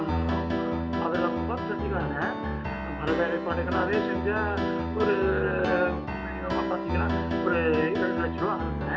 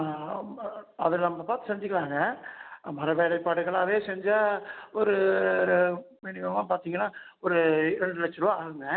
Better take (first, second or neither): second